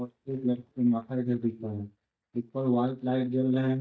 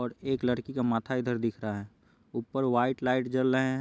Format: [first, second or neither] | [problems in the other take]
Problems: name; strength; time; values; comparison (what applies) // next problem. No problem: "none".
second | noise reduction (neural mask model DeepFilterNet 3)